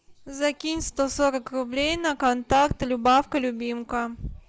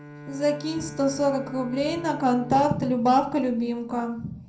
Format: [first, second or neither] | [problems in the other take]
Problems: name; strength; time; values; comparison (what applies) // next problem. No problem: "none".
first | background sound (Bowed string instrument); 16 dB below the speech // room echo; dies away in 0.6 s